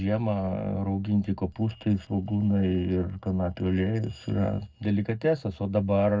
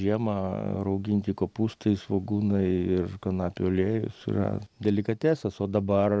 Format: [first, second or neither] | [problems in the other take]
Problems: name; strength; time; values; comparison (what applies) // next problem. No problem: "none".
second | noise reduction (neural separator model SepFormer DNS4)